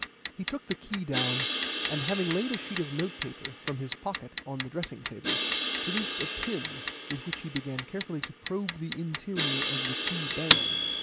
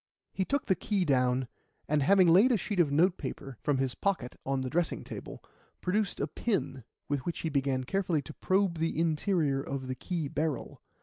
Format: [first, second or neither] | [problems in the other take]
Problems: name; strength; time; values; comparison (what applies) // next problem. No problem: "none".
second | background sound (Crash cymbal + Clock); 3 dB above the speech